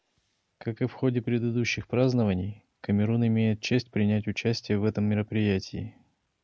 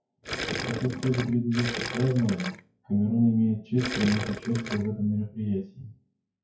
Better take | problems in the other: first | noise reduction (classical method WPE with log-MMSE)

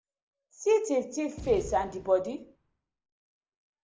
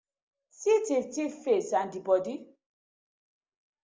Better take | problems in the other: second | background sound (Boom); 14 dB below the speech

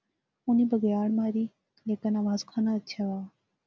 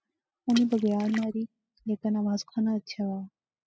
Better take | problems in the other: first | noise reduction (classical method spectral subtraction)

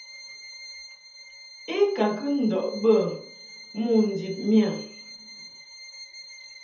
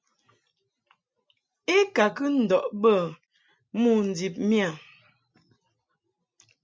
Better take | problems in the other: second | background sound (Bowed string instrument); 17 dB below the speech // room echo; dies away in 0.7 s

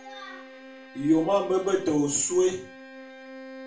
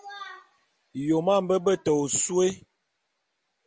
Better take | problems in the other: second | background sound (Bowed string instrument); 18 dB below the speech // room echo; dies away in 0.3 s

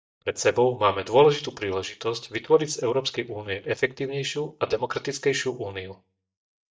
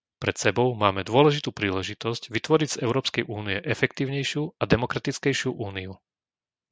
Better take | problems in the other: second | noise reduction (neural mask model DeepFilterNet 3)

